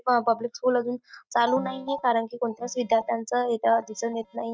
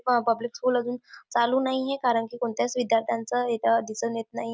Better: second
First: noise reduction (neural mask model DeepFilterNet 3)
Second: none

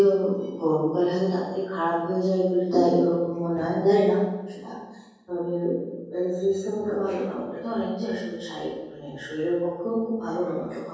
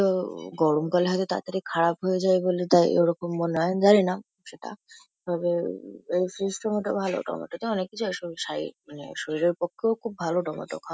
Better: second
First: room echo; dies away in 1.3 s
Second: none

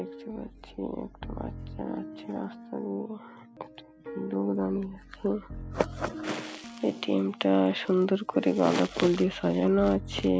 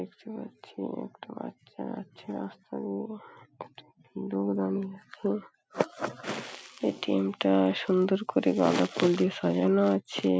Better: second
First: background sound (Piano); 14 dB below the speech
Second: none

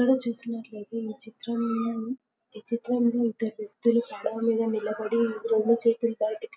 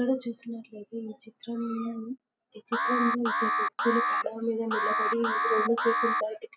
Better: first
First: none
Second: background sound (Alarm); 3 dB above the speech

